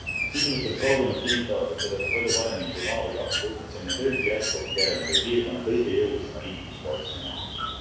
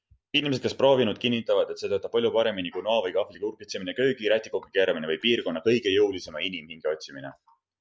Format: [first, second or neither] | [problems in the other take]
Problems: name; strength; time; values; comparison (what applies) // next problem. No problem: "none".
second | background sound (Bird); 2 dB below the speech // room echo; dies away in 1.1 s